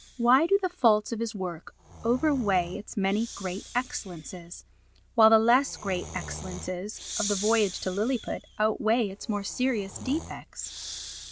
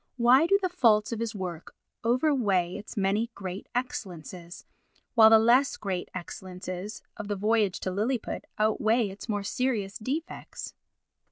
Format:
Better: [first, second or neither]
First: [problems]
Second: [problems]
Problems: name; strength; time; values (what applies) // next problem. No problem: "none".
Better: second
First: background sound (Breathing); 14 dB below the speech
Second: none